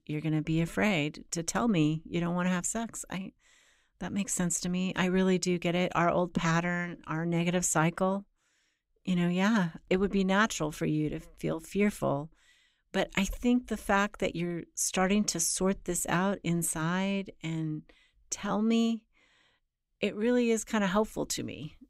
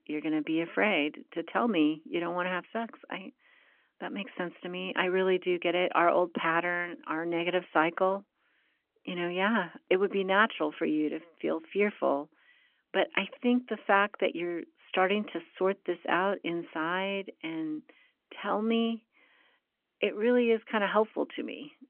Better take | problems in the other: first | phone-call audio; nothing above 3 kHz

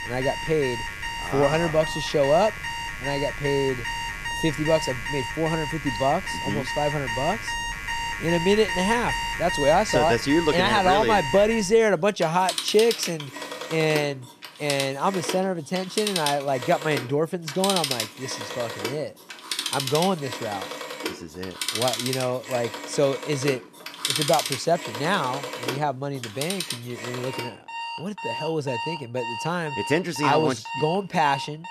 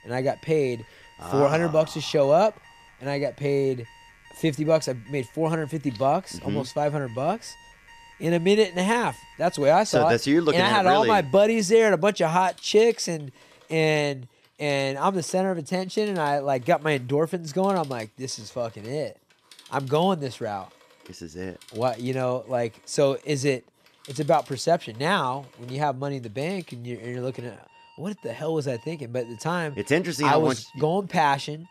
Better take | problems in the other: second | alarms or sirens; loud; throughout; 5 dB below the speech; faint in the second

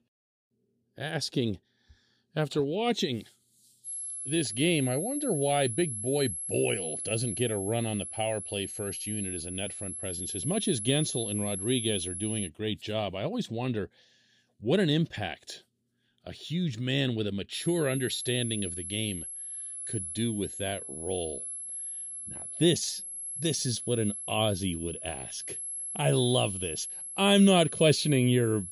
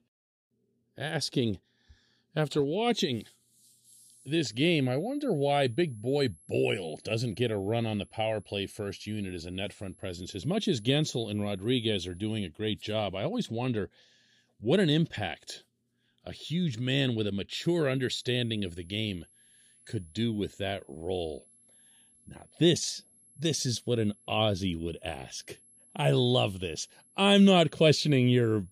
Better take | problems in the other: second | high-pitched whine; loud; from 4 to 12 s and from 18 s on; 11 kHz, 6 dB below the speech; faint in the second

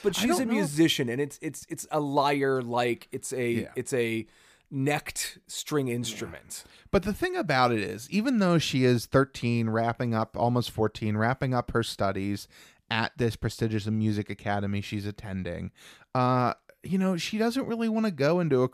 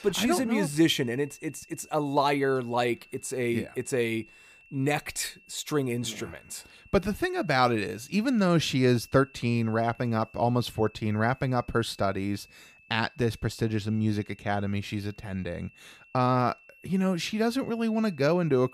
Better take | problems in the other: first | high-pitched whine; faint; throughout; 2.5 kHz, 25 dB below the speech

